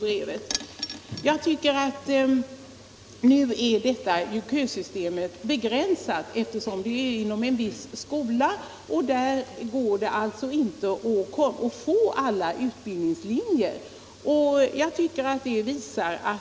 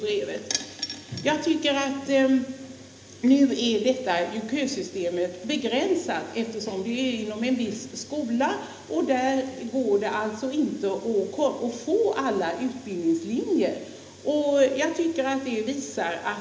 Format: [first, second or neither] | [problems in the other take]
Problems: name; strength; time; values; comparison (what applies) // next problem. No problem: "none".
first | room echo; dies away in 0.8 s